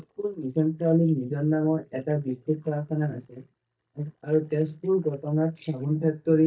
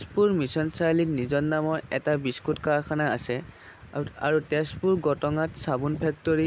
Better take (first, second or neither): second